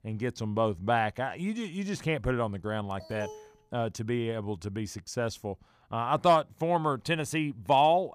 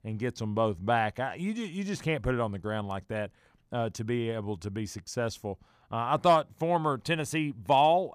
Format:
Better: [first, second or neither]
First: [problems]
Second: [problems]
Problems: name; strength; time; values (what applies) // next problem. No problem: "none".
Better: second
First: alarm; faint; at 3 s; peak 15 dB below the speech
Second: none